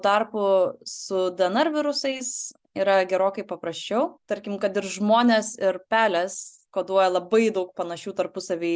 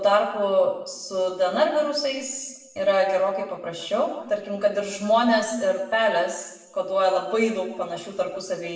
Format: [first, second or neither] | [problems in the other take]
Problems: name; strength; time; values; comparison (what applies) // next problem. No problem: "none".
first | room echo; dies away in 1 s